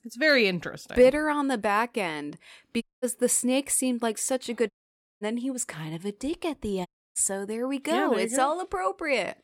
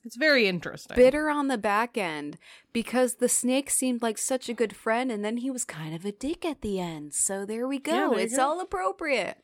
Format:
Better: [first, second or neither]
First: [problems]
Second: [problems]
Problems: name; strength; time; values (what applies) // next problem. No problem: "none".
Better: second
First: audio cutting out; at 3 s, at 4.5 s for 0.5 s and at 7 s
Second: none